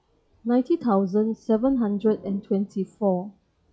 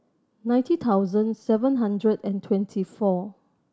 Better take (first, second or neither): second